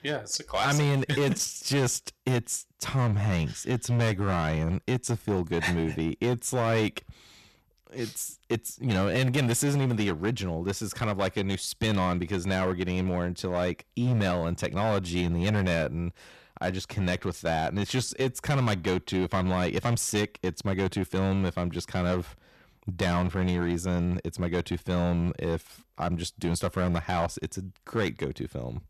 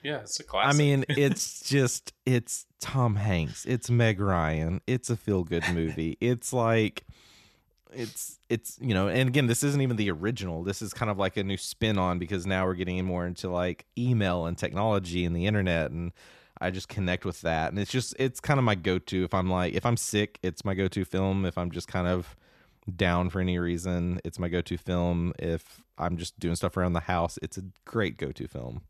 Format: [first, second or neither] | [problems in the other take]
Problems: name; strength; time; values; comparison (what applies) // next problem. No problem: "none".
second | distortion; slight; 9% of the sound clipped